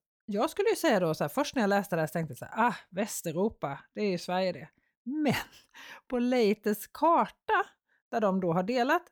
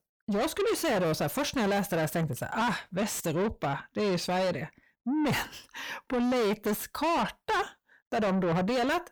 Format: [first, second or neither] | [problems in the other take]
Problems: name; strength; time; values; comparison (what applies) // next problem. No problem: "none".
first | distortion; heavy; 6 dB below the speech